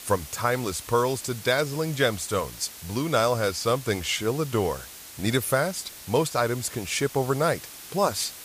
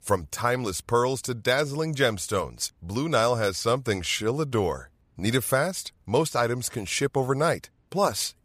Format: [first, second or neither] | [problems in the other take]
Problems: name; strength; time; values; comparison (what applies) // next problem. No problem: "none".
second | hiss; noticeable; throughout; 15 dB below the speech